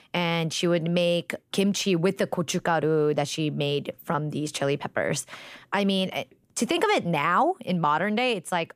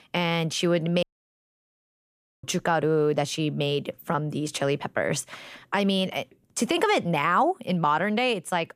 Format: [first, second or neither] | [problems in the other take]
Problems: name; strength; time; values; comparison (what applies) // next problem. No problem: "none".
first | audio cutting out; at 1 s for 1.5 s